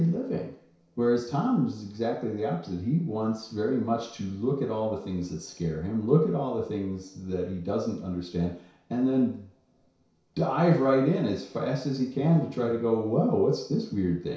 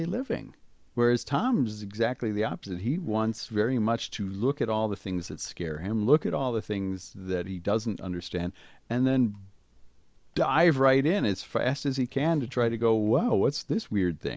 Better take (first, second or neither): second